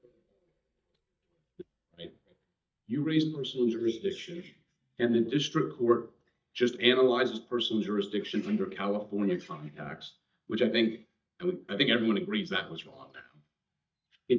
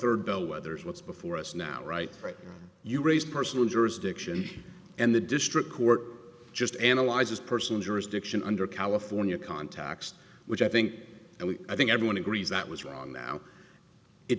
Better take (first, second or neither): second